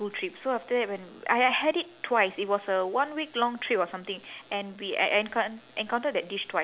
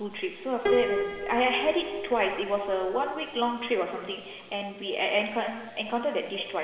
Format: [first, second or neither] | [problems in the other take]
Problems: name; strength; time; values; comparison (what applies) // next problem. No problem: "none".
first | background sound (Piano); 6 dB below the speech // room echo; dies away in 2.1 s